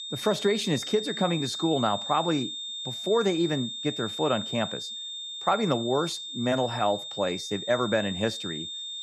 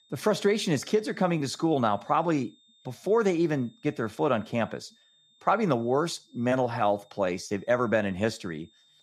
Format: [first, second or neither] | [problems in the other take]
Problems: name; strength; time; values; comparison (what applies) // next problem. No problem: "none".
second | high-pitched whine; loud; throughout; 3.5 kHz, 6 dB below the speech; faint in the second